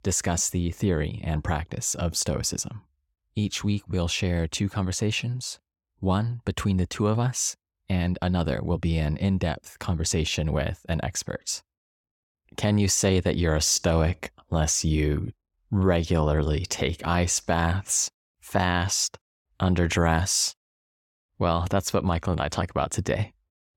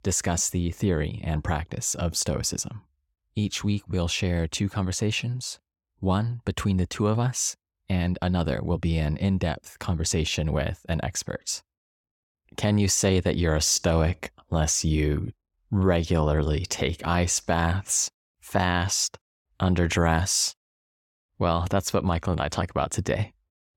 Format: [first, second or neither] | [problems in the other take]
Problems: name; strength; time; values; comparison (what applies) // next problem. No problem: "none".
neither | none